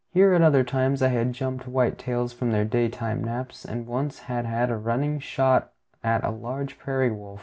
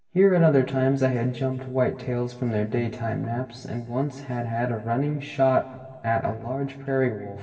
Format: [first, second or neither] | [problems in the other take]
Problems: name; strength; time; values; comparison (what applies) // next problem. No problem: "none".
first | room echo; dies away in 2.6 s